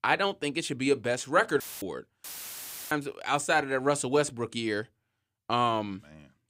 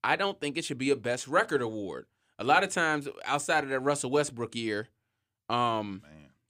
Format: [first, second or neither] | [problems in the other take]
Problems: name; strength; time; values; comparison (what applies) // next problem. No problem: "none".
second | audio cutting out; filled with static; at 1.5 s and at 2 s for 0.5 s